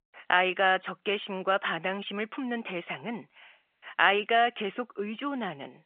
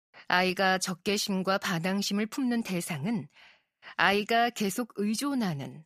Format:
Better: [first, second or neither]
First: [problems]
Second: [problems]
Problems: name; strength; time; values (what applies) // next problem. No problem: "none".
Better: second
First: phone-call audio; nothing above 3 kHz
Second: none